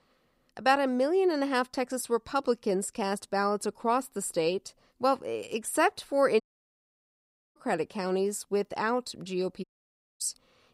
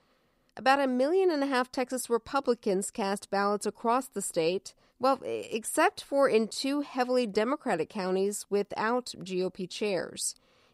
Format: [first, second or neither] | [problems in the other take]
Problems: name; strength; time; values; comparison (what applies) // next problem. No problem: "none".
second | audio cutting out; at 6.5 s for 1 s and at 9.5 s for 0.5 s